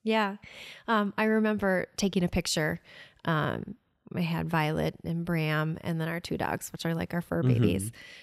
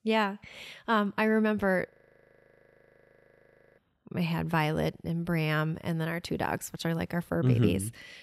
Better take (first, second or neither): first